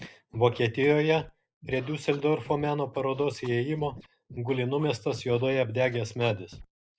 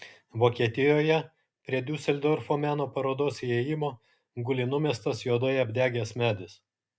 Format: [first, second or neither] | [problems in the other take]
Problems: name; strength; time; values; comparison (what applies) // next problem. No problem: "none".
second | noise reduction (neural mask model Resemble Enhance denoiser)